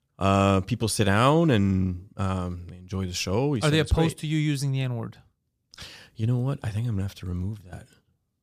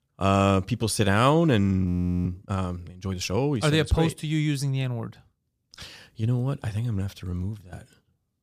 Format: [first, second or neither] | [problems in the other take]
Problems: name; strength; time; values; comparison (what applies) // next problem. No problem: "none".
first | audio freezing; at 2 s